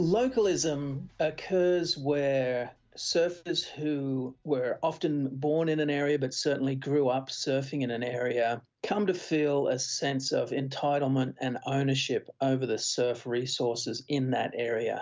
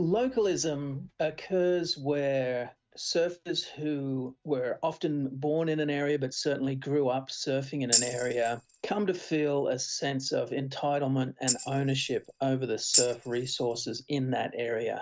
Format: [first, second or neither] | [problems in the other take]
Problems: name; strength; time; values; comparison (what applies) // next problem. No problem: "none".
first | noise reduction (neural mask model RNNoise)